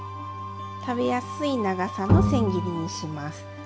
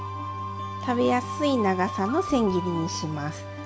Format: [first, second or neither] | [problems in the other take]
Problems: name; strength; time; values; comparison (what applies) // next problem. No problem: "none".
second | background sound (Bowed string instrument); 3 dB above the speech